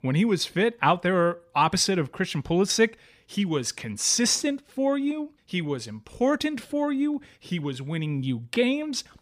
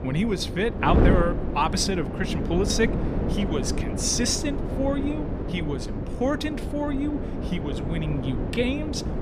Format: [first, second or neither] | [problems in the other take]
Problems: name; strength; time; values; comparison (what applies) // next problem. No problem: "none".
first | wind noise on the microphone; heavy; 5 dB below the speech